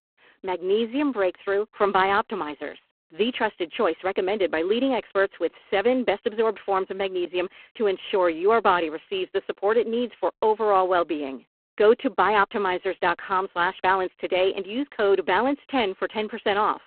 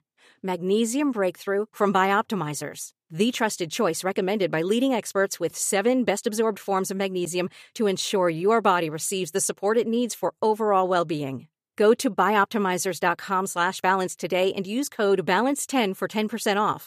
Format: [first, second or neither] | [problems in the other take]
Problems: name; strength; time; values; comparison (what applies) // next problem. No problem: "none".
second | phone-call audio; poor line